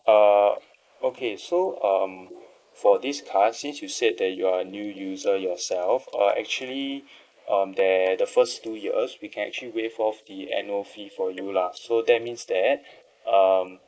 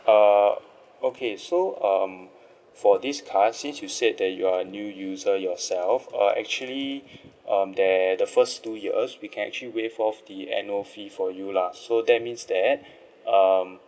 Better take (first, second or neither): second